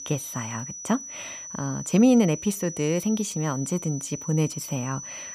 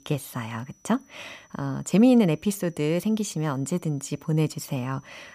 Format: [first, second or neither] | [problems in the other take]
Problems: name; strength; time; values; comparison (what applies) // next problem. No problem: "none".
second | high-pitched whine; loud; throughout; 6 kHz, 10 dB below the speech; faint in the second